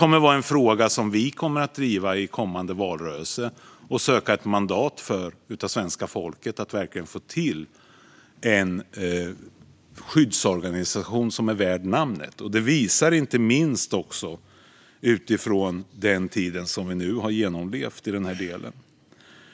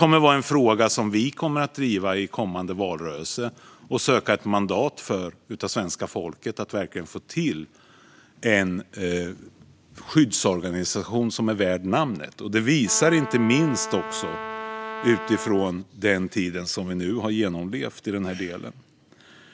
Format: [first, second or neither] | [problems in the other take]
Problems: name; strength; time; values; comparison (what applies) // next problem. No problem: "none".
first | background sound (Brass instrument); 10 dB below the speech